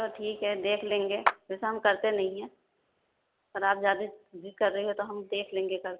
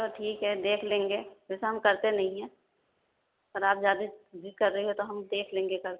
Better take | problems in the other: second | background sound (Clapping); 4 dB below the speech

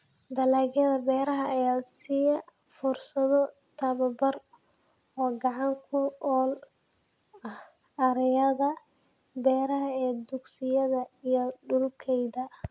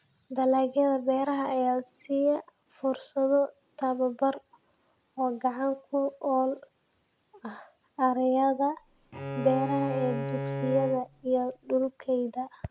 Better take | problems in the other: first | background sound (Bowed string instrument); 6 dB below the speech

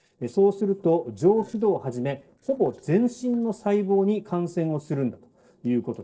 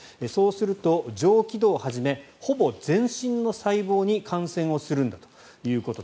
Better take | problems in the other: second | noise reduction (neural separator model SepFormer DNS4)

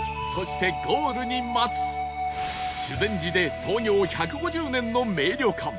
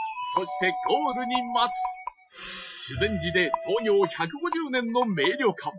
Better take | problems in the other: first | noise reduction (classical method Wiener filter)

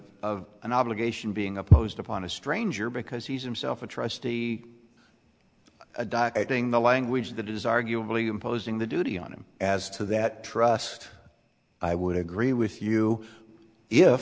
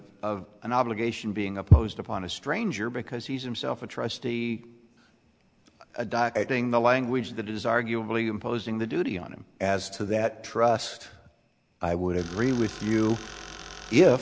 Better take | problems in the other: first | background sound (Tools); 14 dB below the speech

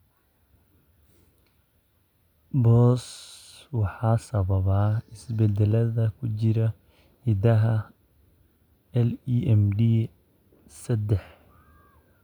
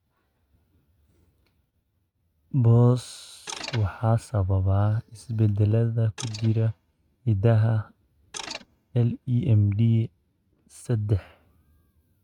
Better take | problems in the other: first | noise reduction (neural mask model RNNoise)

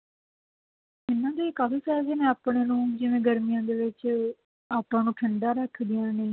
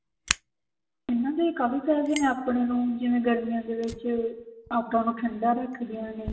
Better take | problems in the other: first | background sound (Fire); 13 dB below the speech // room echo; dies away in 0.8 s

